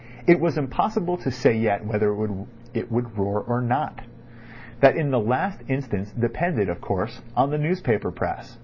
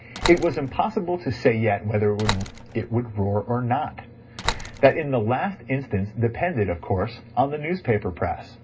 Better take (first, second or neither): first